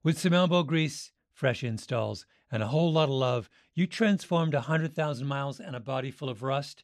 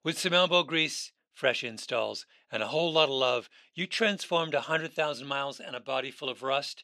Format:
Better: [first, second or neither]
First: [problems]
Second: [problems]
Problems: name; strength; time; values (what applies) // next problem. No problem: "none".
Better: first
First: none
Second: thin; somewhat; fading below 400 Hz